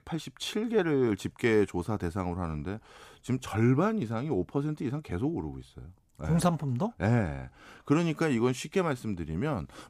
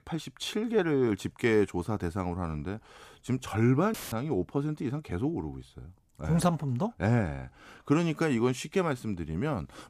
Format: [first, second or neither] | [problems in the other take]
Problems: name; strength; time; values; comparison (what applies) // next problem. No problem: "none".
first | audio cutting out; filled with static; at 4 s